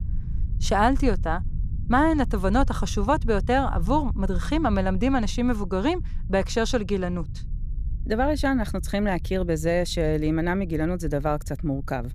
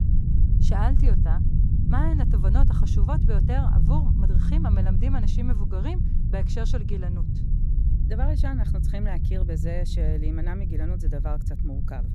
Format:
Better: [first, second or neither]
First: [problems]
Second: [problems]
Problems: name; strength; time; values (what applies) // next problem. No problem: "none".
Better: first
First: low rumble; faint; throughout; 25 dB below the speech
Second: low rumble; loud; throughout; 2 dB below the speech